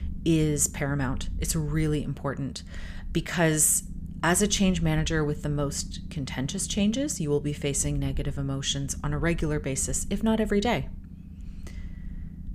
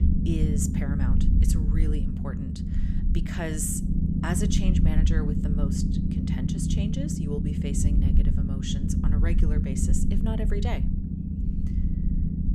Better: first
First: low rumble; faint; throughout; 20 dB below the speech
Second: low rumble; loud; throughout; as loud as the speech

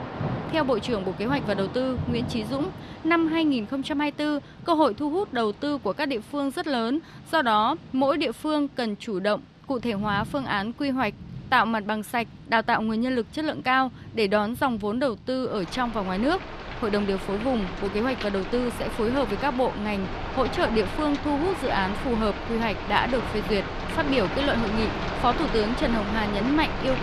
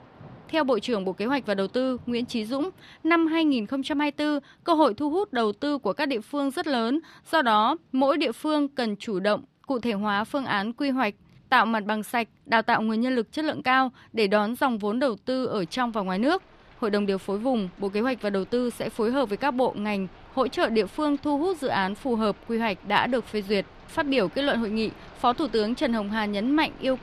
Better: second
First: rain or running water; loud; throughout; 7 dB below the speech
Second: rain or running water; faint; throughout; 25 dB below the speech

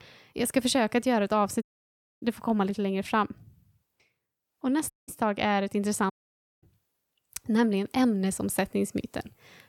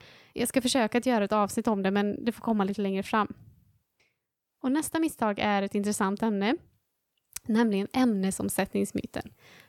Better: second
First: audio cutting out; at 1.5 s for 0.5 s, at 5 s and at 6 s for 0.5 s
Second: none

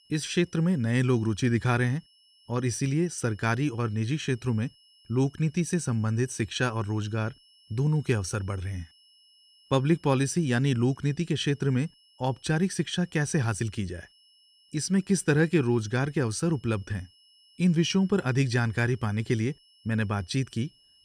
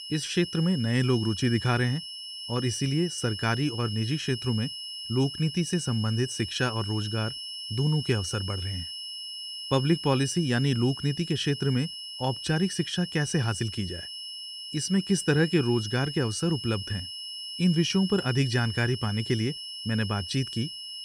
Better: first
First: high-pitched whine; faint; throughout; 3 kHz, 30 dB below the speech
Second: high-pitched whine; loud; throughout; 3 kHz, 8 dB below the speech

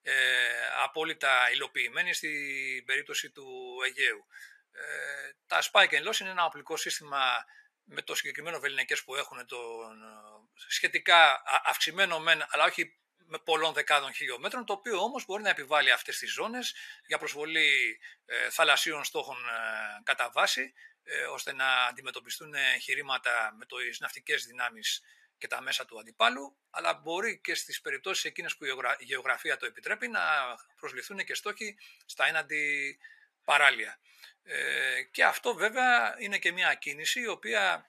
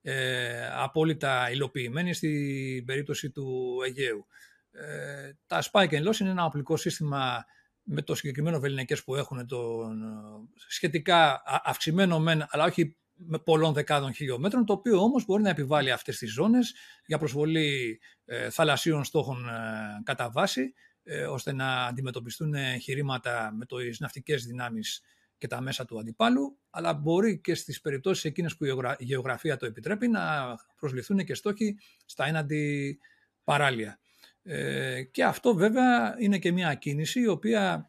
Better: second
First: thin; very; fading below 800 Hz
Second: none

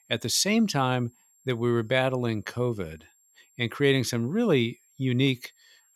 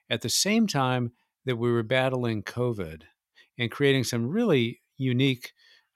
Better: second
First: high-pitched whine; faint; throughout; 7.5 kHz, 35 dB below the speech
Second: none

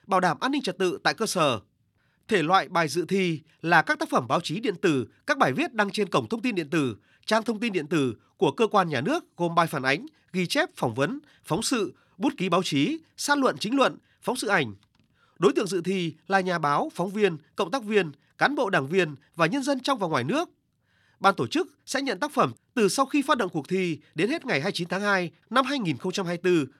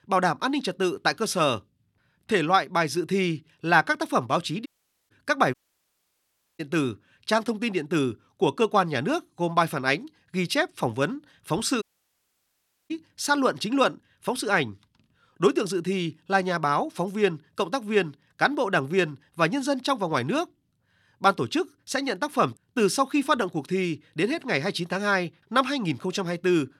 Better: first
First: none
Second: audio cutting out; at 4.5 s, at 5.5 s for 1 s and at 12 s for 1 s

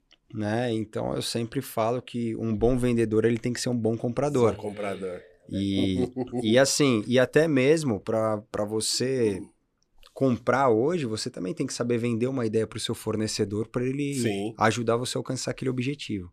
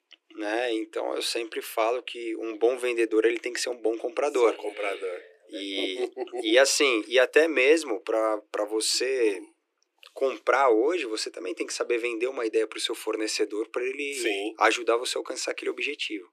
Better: first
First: none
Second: thin; very; fading below 300 Hz

